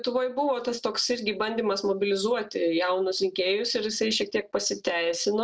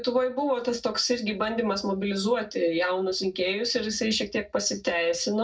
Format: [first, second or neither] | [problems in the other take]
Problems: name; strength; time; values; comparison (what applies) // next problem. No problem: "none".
first | room echo; dies away in 0.4 s